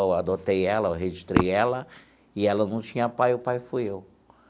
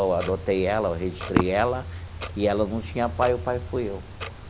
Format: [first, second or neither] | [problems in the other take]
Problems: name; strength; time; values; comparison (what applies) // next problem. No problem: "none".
first | background sound (Clock); 10 dB below the speech